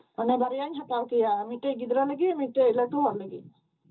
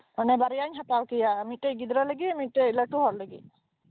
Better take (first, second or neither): second